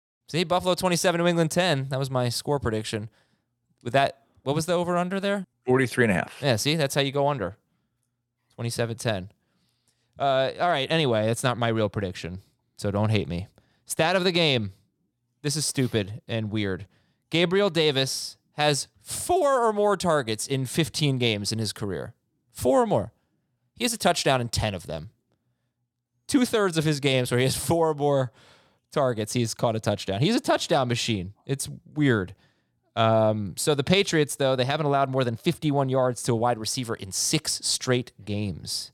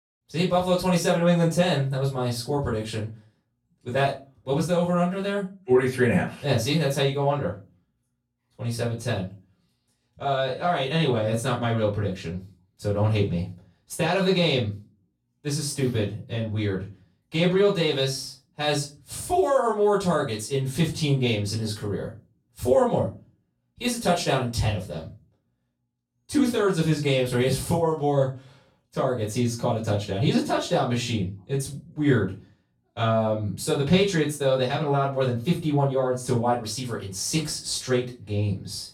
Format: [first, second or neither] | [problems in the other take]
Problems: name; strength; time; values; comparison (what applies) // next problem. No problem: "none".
first | off-mic speech; far // room echo; slight; dies away in 0.3 s